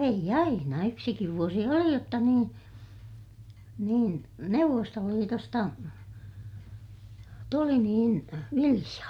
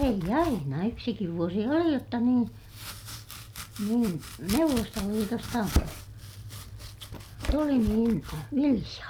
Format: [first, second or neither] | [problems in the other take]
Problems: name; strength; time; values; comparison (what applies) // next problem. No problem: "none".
first | background sound (Domestic sounds, home sounds); 9 dB below the speech